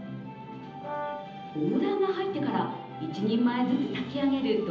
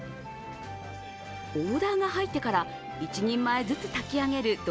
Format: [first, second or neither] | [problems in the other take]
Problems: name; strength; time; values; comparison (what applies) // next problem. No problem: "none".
second | background sound (Brass instrument); 9 dB below the speech // room echo; dies away in 0.9 s